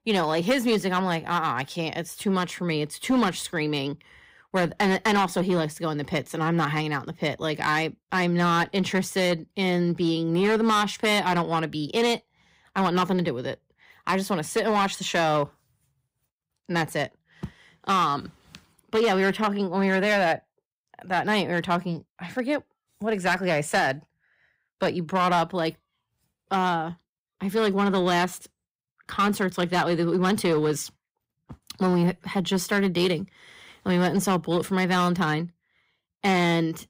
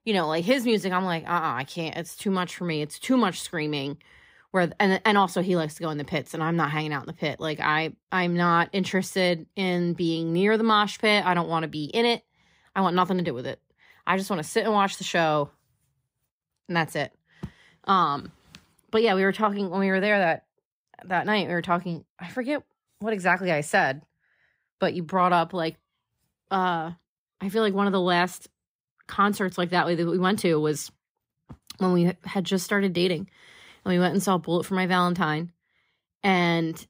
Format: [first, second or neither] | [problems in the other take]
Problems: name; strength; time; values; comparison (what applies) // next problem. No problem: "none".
second | distortion; slight; 6% of the sound clipped